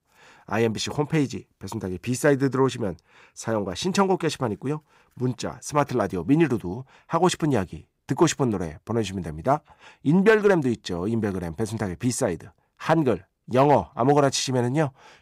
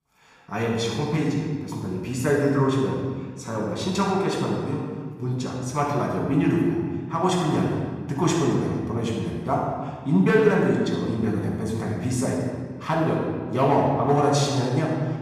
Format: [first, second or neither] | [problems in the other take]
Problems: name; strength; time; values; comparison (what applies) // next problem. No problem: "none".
first | off-mic speech; far // room echo; noticeable; dies away in 1.5 s